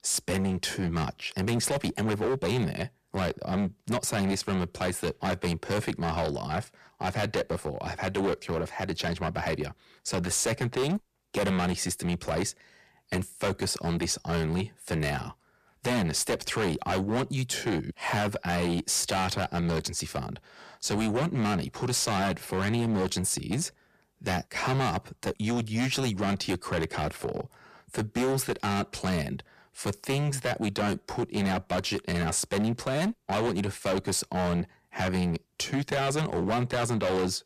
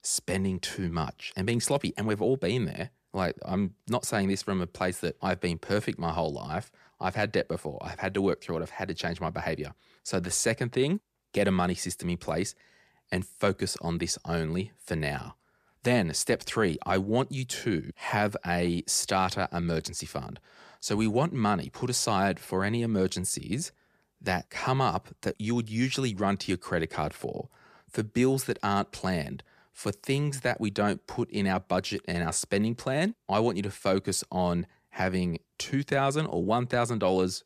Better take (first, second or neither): second